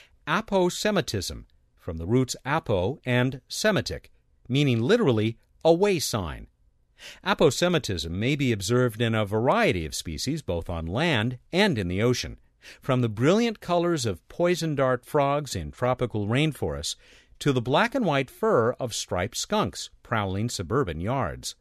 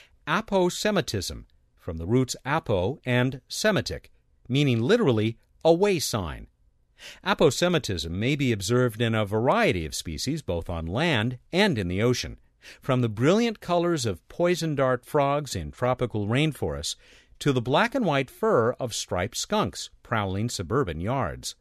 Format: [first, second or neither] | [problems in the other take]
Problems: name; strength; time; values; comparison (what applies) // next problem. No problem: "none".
neither | none